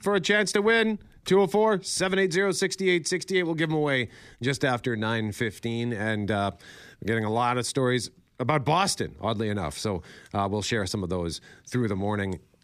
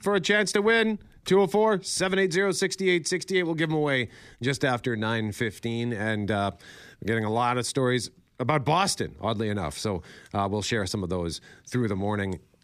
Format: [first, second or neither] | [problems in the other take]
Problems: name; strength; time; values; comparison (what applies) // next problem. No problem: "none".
neither | none